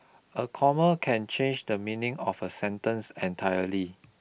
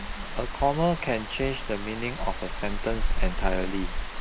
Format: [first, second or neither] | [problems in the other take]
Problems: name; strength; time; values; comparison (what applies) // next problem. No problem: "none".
first | background sound (Rain); 2 dB above the speech